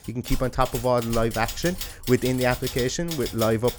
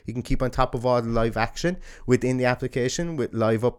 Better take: second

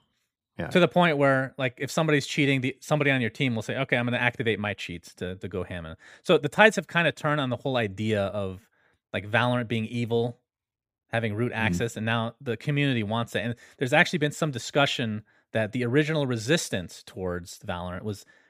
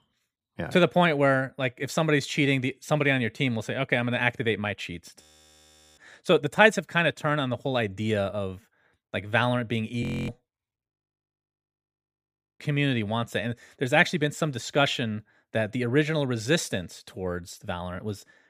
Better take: first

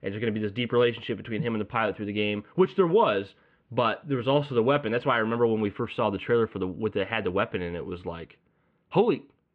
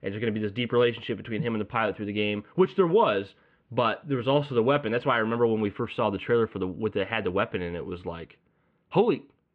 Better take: neither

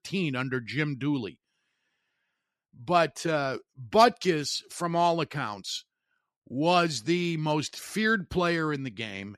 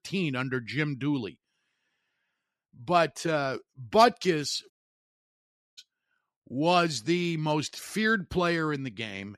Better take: first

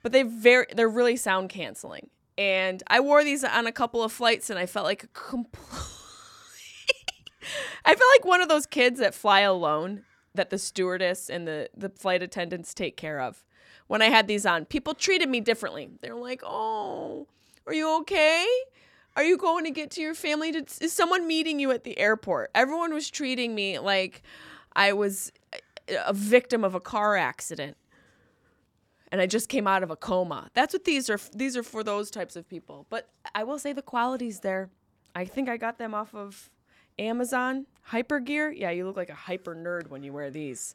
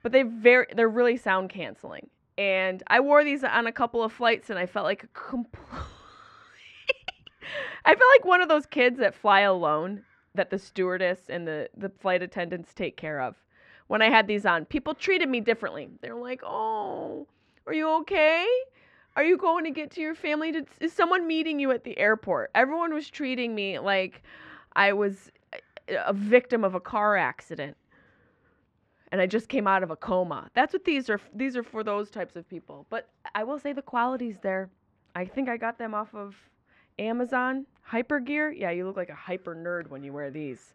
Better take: first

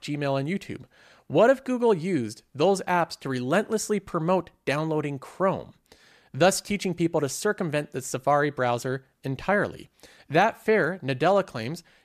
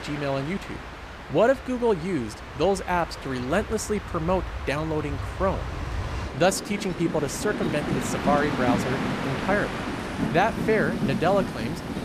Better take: first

